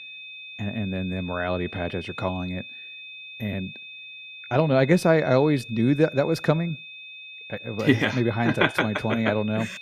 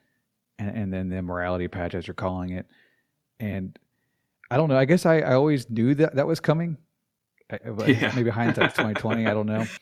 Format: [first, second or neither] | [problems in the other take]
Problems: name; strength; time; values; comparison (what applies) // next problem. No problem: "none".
second | high-pitched whine; noticeable; throughout; 2.5 kHz, 15 dB below the speech